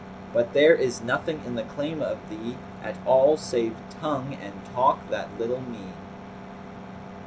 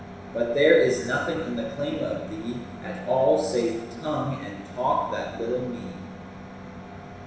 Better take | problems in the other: first | room echo; dies away in 0.9 s

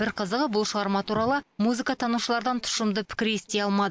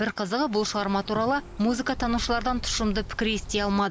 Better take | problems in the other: first | background sound (Bird); 11 dB below the speech

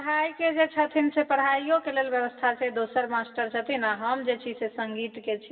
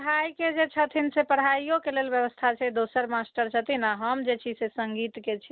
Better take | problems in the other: second | room echo; dies away in 1.6 s

